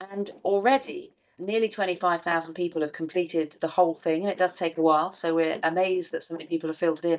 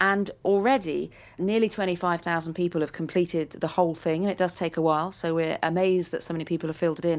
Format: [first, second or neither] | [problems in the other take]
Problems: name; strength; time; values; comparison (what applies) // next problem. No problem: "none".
second | noise reduction (neural mask model DeepFilterNet 3)